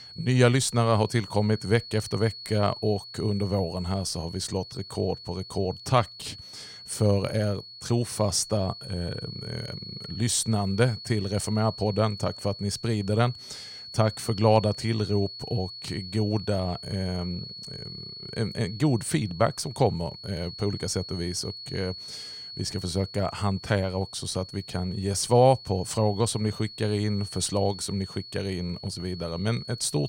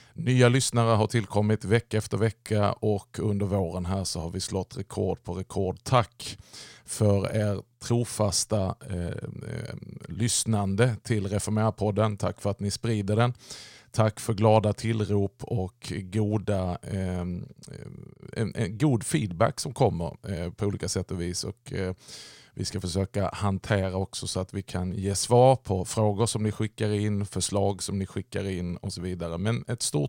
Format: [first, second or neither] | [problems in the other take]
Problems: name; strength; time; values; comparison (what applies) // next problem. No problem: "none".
second | high-pitched whine; noticeable; throughout; 4.5 kHz, 10 dB below the speech